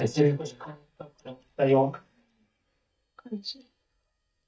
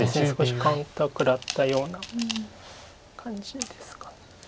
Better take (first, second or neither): second